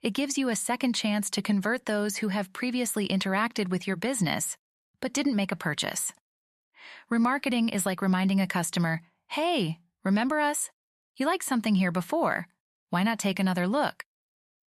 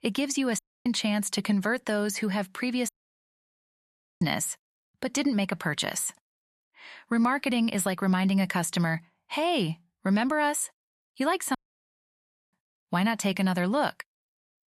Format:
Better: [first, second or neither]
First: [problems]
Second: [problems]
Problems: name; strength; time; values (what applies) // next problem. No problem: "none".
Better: first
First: none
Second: audio cutting out; at 0.5 s, at 3 s for 1.5 s and at 12 s for 1 s